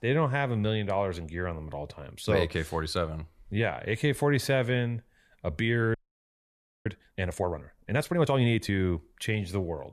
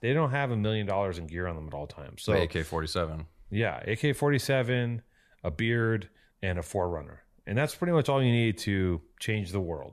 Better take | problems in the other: second | audio freezing; at 6 s for 1 s

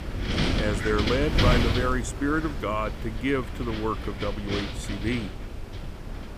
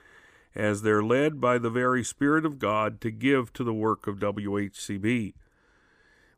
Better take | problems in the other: second | wind noise on the microphone; heavy; 2 dB below the speech

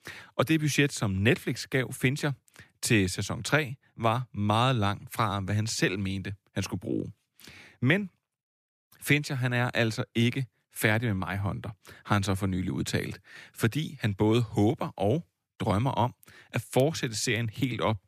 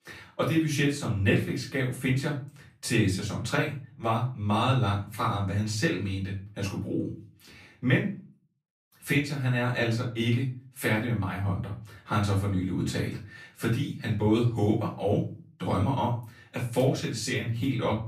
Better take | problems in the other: first | off-mic speech; far // room echo; slight; dies away in 0.3 s

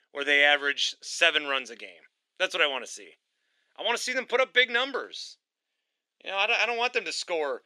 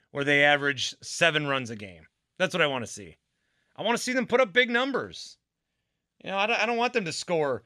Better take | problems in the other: second | thin; somewhat; fading below 300 Hz

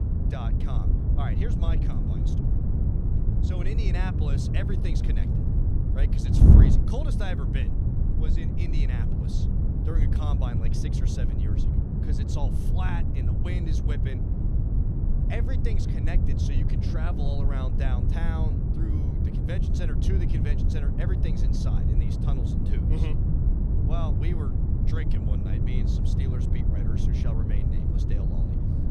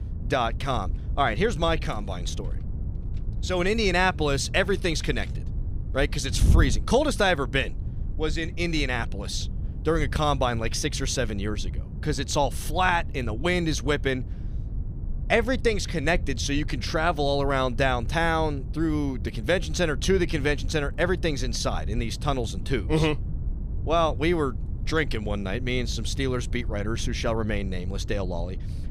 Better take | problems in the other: second | wind noise on the microphone; heavy; 2 dB above the speech; occasional gusts in the second

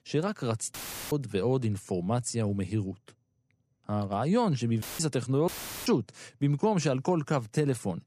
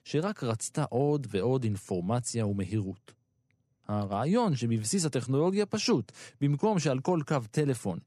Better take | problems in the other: second | audio cutting out; filled with static; at 0.5 s, at 5 s and at 5.5 s

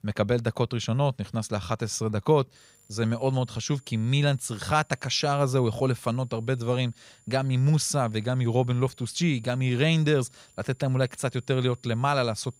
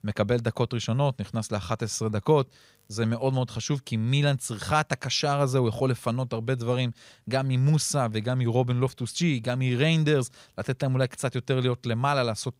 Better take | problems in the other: second | high-pitched whine; faint; from 2.5 s on; 7 kHz, 30 dB below the speech

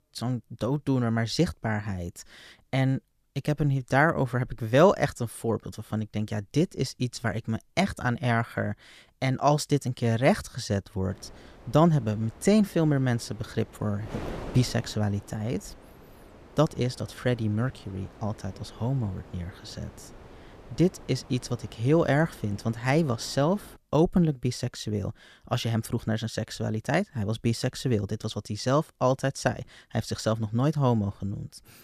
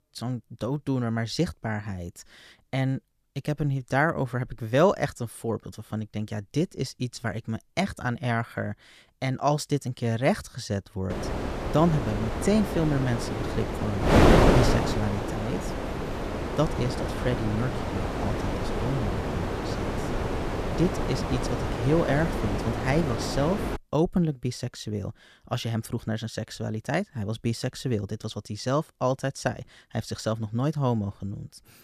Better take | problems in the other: first | wind noise on the microphone; heavy; from 11 to 24 s; 1 dB above the speech; occasional gusts in the first

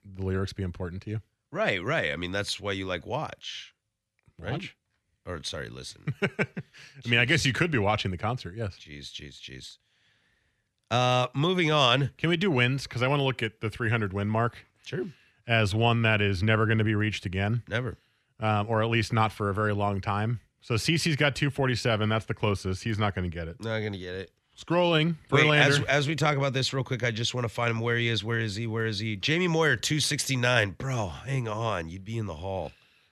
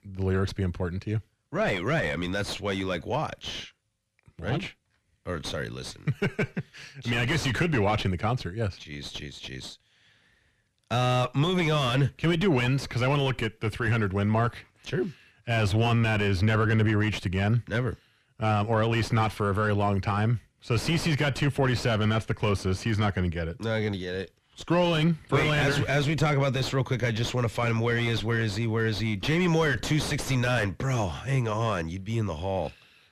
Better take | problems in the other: first | distortion; heavy; 4 dB below the speech

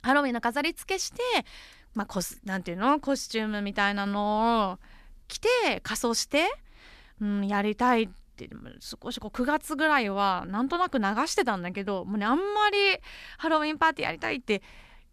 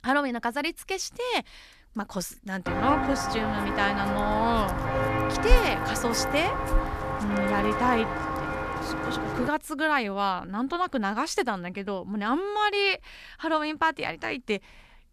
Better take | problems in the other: first | footsteps; loud; from 2.5 to 9 s; peak 3 dB above the speech

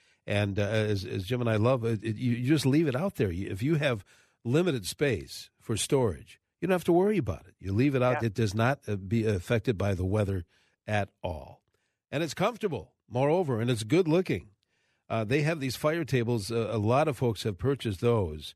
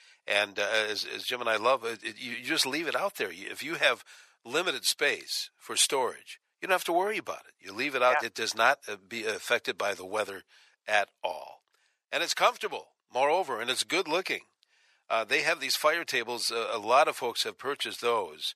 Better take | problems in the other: first | thin; very; fading below 900 Hz

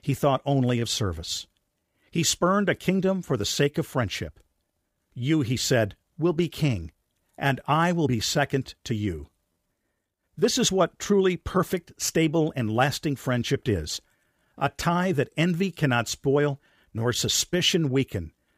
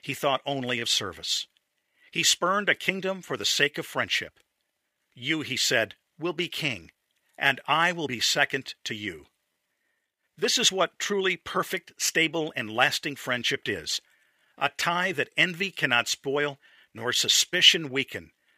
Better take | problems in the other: first | thin; somewhat; fading below 650 Hz

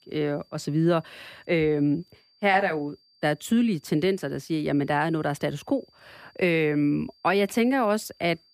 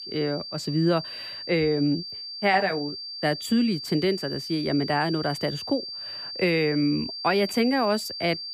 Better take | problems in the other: first | high-pitched whine; loud; throughout; 4.5 kHz, 8 dB below the speech; faint in the first

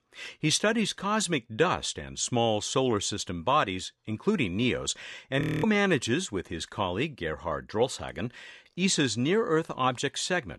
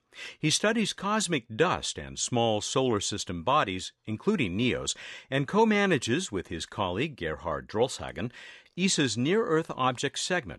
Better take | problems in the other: second | audio freezing; at 5.5 s

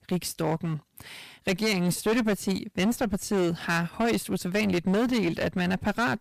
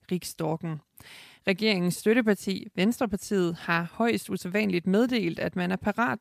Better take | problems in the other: second | distortion; heavy; 16% of the sound clipped

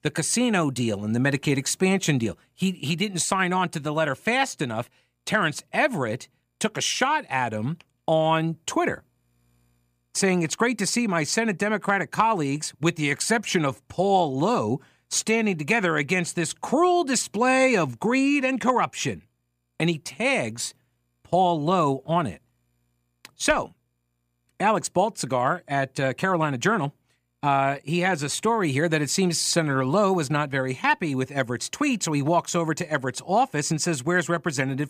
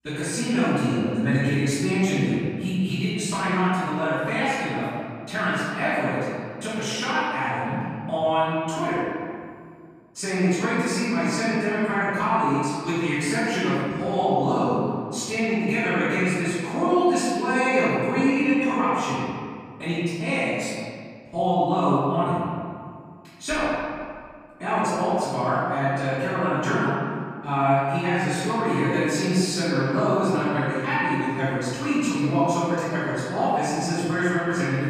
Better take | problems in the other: first | off-mic speech; far // room echo; strong; dies away in 2 s

